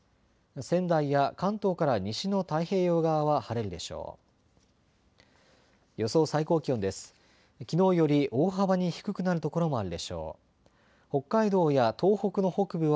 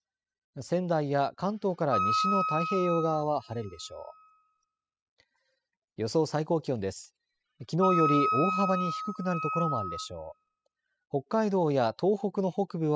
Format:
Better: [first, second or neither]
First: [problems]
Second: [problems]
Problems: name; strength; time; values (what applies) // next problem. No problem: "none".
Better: first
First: none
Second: noise reduction (classical method spectral subtraction)